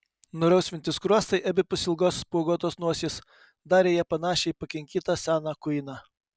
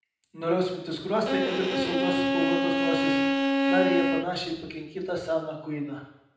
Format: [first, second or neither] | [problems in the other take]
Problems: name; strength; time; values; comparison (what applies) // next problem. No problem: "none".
first | background sound (Bowed string instrument); 4 dB above the speech // room echo; dies away in 0.8 s